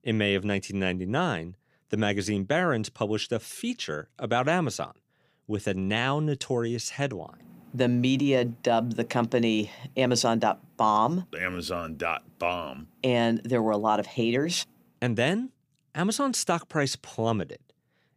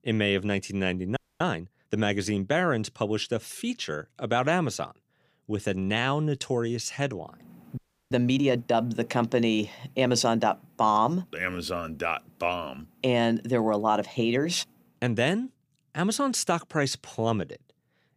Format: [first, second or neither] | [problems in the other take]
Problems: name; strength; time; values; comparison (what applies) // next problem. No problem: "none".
first | audio freezing; at 1 s and at 8 s